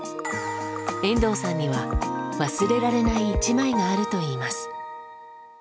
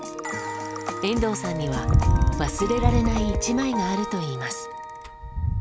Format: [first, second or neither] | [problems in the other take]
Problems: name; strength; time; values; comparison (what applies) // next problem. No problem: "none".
first | background sound (Bicycle); 1 dB below the speech